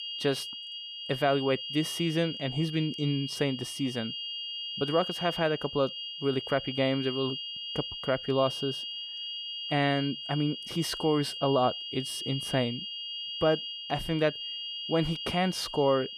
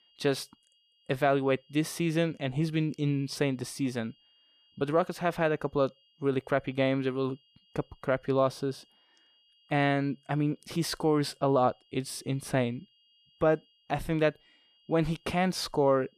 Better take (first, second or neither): second